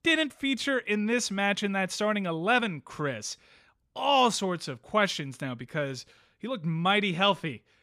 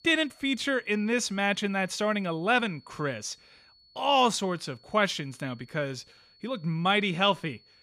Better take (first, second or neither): first